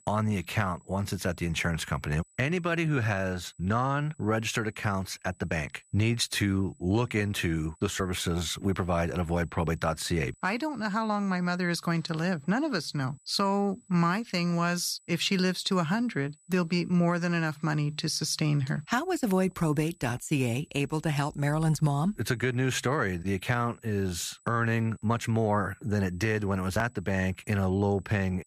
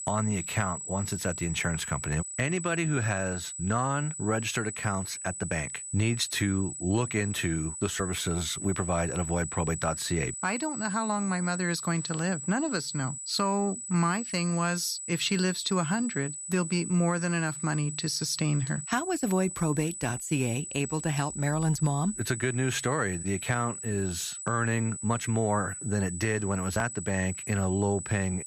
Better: first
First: high-pitched whine; faint; throughout; 8 kHz, 30 dB below the speech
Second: high-pitched whine; loud; throughout; 8 kHz, 7 dB below the speech

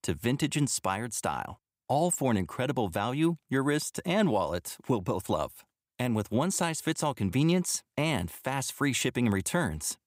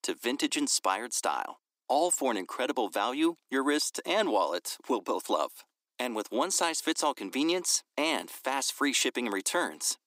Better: first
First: none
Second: thin; somewhat; fading below 300 Hz

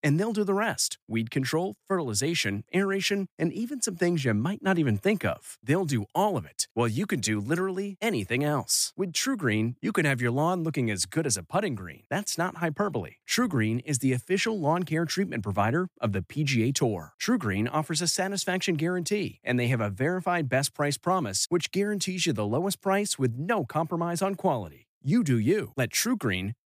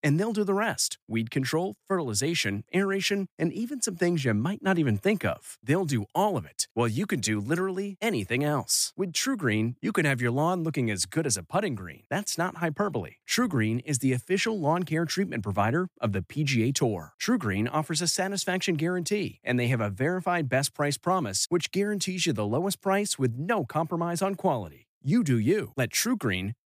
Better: neither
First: none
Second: none

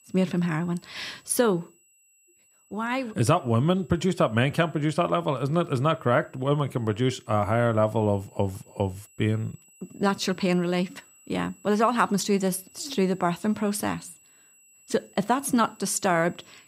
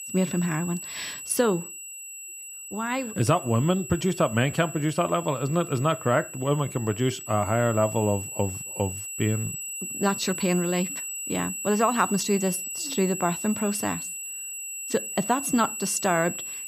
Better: first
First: high-pitched whine; faint; throughout; 8 kHz, 30 dB below the speech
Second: high-pitched whine; loud; throughout; 8 kHz, 7 dB below the speech

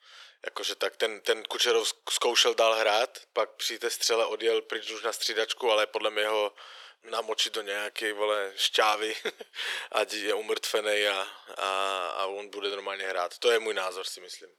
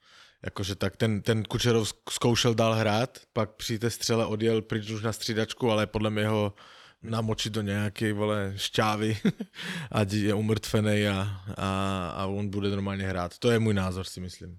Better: second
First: thin; very; fading below 400 Hz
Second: none

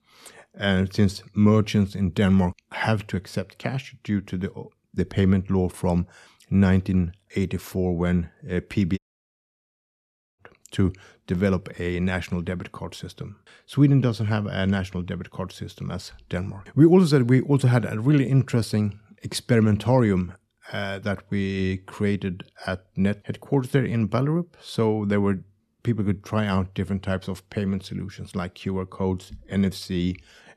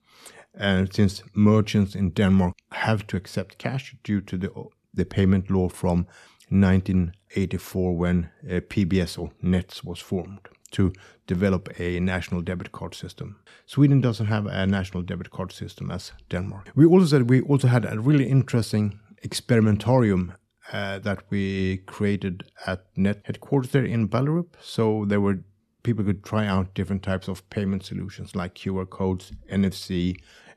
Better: second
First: audio cutting out; at 9 s for 1.5 s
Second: none

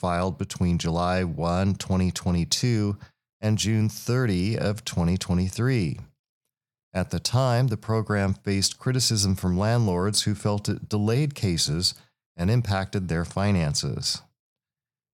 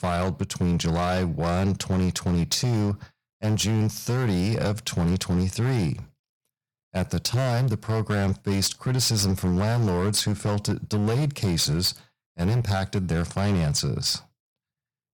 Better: first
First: none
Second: distortion; slight; 16% of the sound clipped

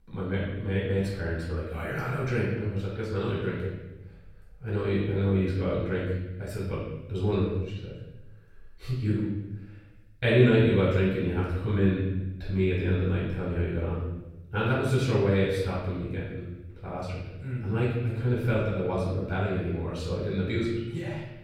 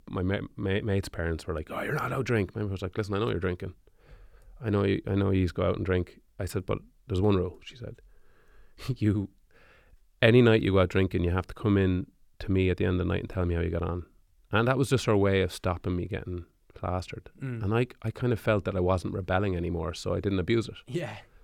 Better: second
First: off-mic speech; far // room echo; noticeable; dies away in 1 s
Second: none

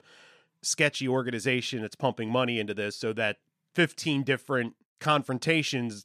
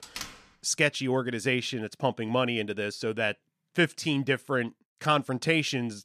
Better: first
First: none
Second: door banging; faint; at the start; peak 10 dB below the speech

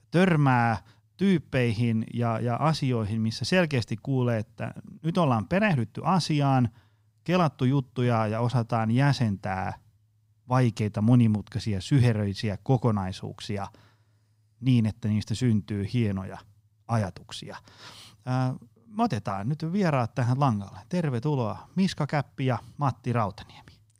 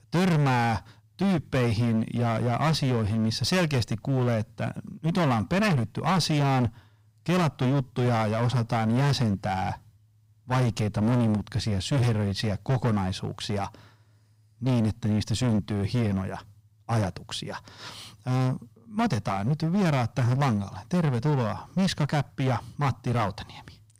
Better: first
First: none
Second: distortion; heavy; 18% of the sound clipped

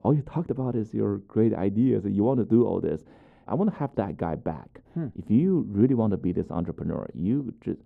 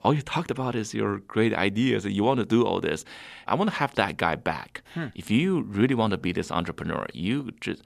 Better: second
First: muffled; very; fading above 1 kHz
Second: none

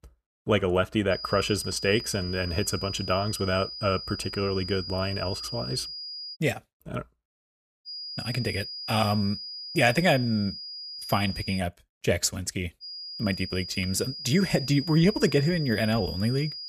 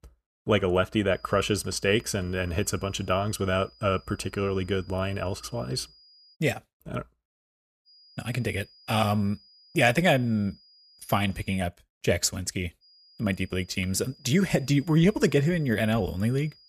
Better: second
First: high-pitched whine; loud; from 1 to 6.5 s, from 8 to 12 s and from 13 s on; 5 kHz, 8 dB below the speech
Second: high-pitched whine; faint; from 1 to 6.5 s, from 8 to 12 s and from 13 s on; 5 kHz, 25 dB below the speech

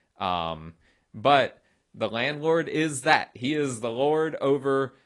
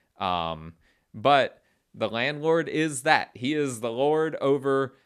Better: second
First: garbled, watery; slightly; nothing above 10.5 kHz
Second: none

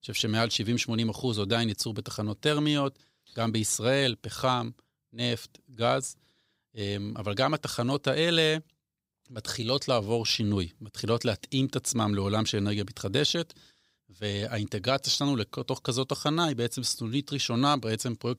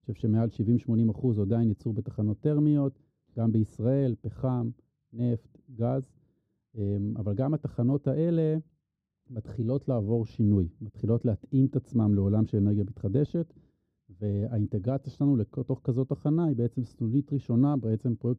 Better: first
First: none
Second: muffled; very; fading above 1 kHz

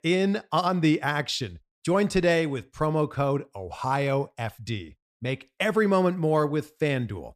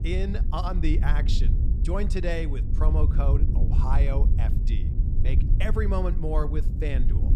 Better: first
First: none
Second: wind noise on the microphone; heavy; 8 dB below the speech

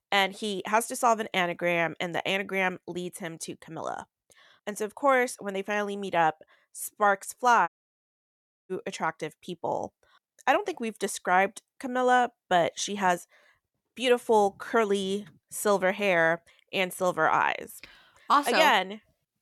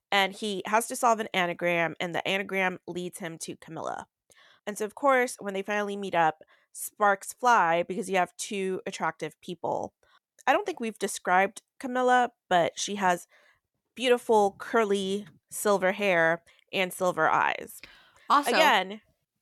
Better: second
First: audio cutting out; at 7.5 s for 1 s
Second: none

